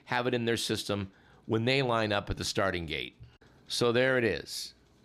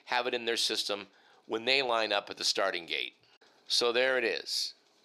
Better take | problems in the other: first | thin; somewhat; fading below 450 Hz

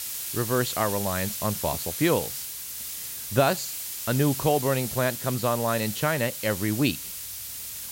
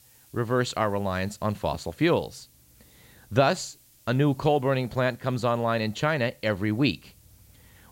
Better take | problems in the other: second | hiss; loud; throughout; 5 dB below the speech; faint in the second

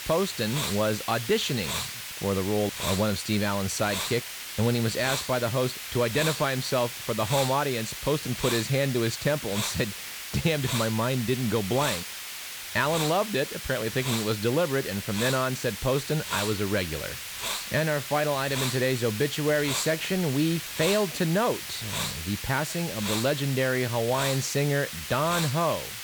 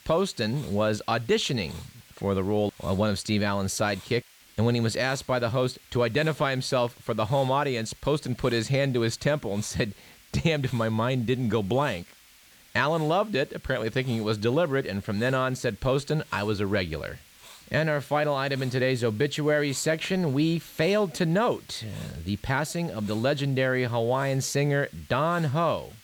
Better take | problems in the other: second | hiss; loud; throughout; 5 dB below the speech; faint in the second

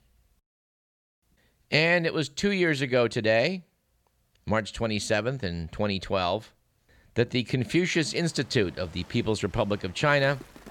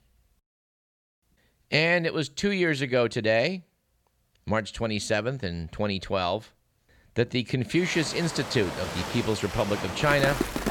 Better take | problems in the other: first | rain or running water; loud; from 8 s on; 7 dB below the speech; faint in the first

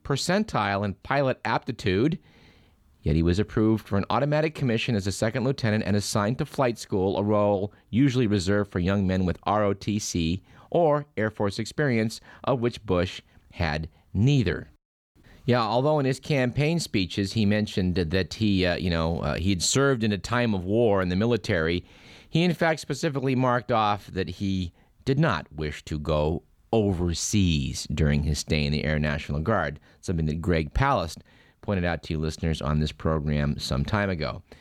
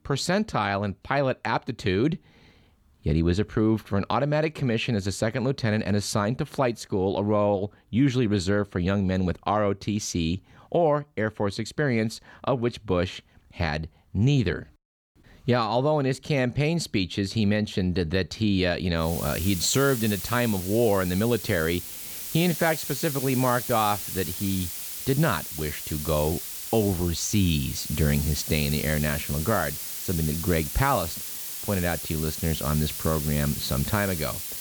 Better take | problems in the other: first | hiss; loud; from 19 s on; 6 dB below the speech

